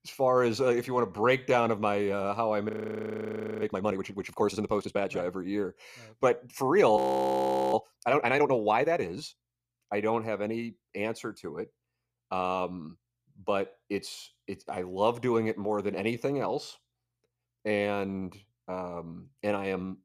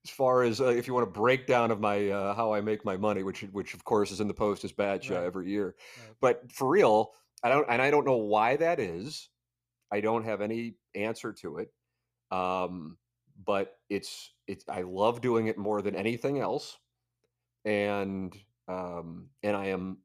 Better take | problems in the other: second | audio freezing; at 2.5 s for 1 s and at 7 s for 1 s

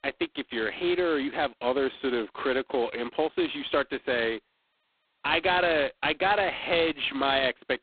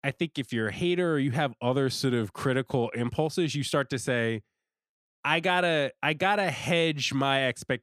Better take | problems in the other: second | phone-call audio; poor line; nothing above 4 kHz

